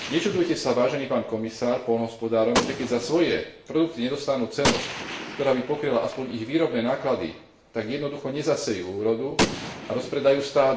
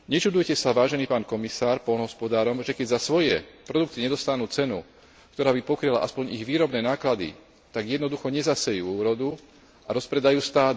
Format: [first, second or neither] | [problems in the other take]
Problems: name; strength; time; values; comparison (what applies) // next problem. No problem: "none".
second | background sound (Gunshot, gunfire); 8 dB below the speech // room echo; dies away in 0.7 s